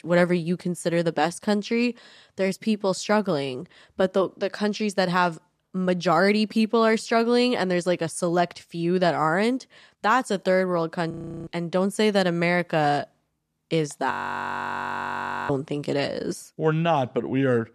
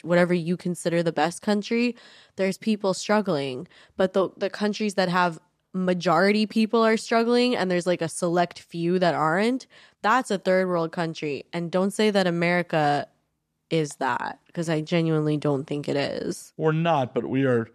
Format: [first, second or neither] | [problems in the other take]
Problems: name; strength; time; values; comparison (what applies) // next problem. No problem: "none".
second | audio freezing; at 11 s and at 14 s for 1.5 s